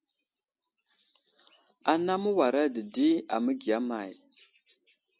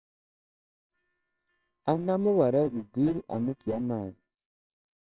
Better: first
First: none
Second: noise reduction (neural separator model SepFormer WHAMR!)

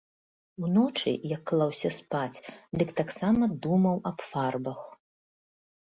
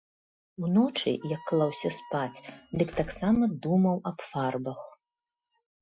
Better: first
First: none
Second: noise reduction (classical method Wiener filter)

